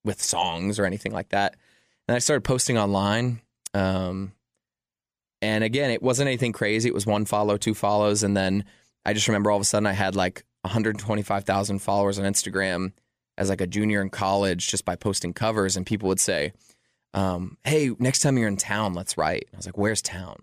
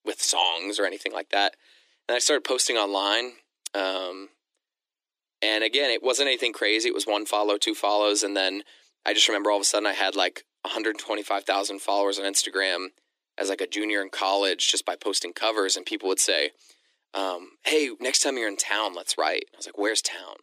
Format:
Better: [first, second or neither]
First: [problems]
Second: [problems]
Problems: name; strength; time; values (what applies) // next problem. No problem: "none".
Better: first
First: none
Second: thin; somewhat; fading below 300 Hz